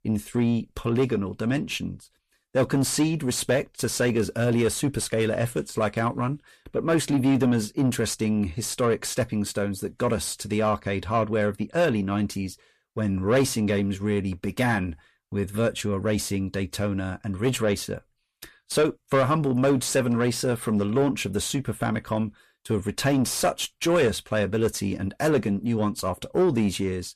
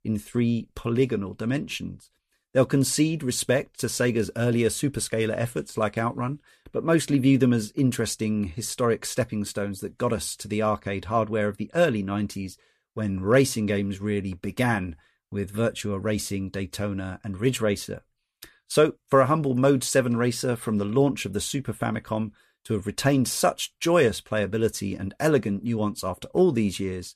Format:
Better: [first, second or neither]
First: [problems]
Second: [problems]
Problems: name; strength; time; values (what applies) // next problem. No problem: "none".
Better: second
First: distortion; slight; 10 dB below the speech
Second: none